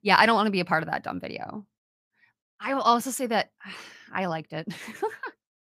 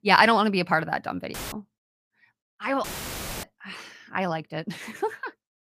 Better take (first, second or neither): first